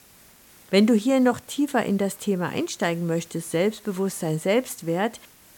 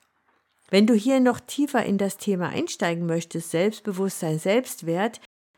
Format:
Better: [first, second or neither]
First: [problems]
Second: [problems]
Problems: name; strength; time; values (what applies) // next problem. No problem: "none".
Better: second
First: hiss; faint; throughout; 25 dB below the speech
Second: none